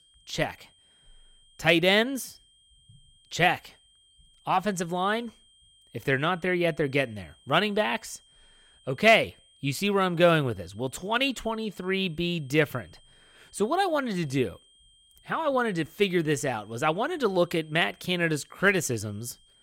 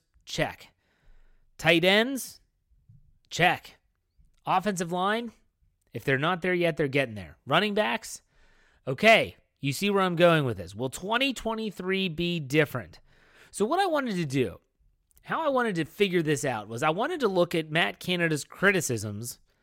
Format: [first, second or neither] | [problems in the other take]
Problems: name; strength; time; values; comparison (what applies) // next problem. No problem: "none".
second | high-pitched whine; faint; throughout; 3 kHz, 30 dB below the speech